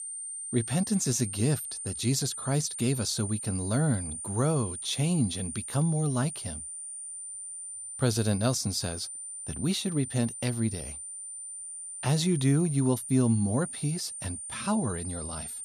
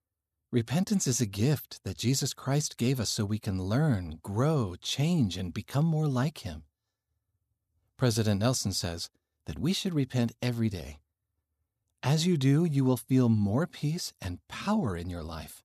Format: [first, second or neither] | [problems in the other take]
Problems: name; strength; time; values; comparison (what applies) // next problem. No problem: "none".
second | high-pitched whine; loud; throughout; 9 kHz, 7 dB below the speech